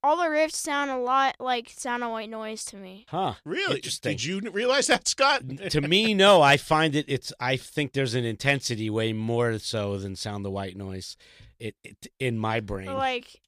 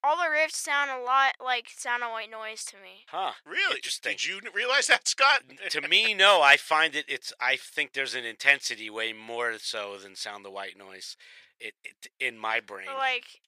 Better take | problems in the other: first | thin; very; fading below 650 Hz

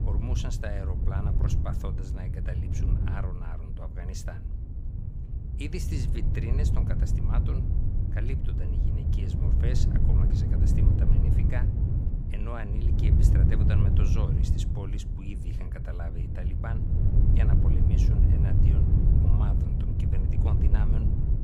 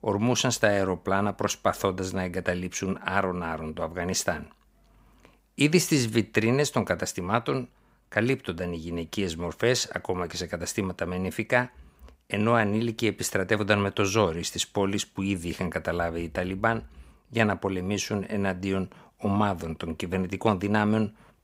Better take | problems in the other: second | wind noise on the microphone; heavy; 2 dB above the speech

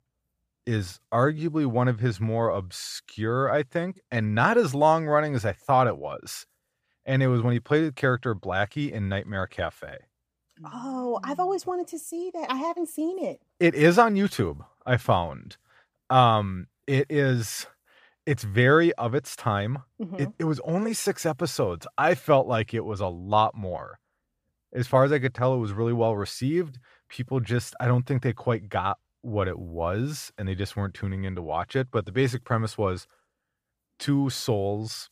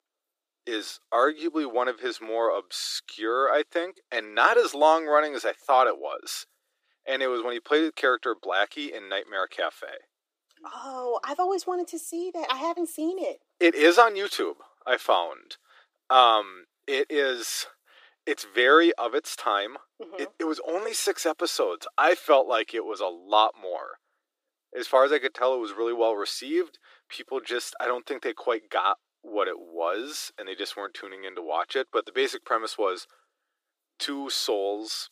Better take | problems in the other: first | thin; very; fading below 300 Hz

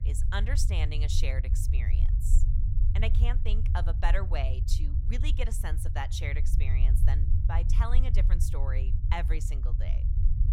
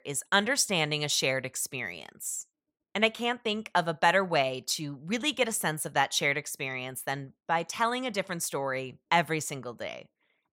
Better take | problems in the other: second | low rumble; loud; throughout; 8 dB below the speech

